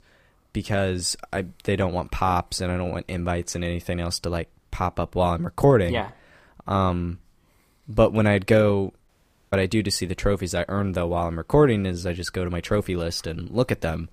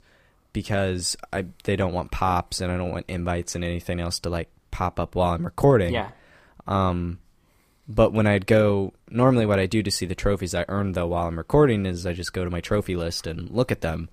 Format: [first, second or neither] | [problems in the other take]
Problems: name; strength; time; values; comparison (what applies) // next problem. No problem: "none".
second | audio cutting out; at 9 s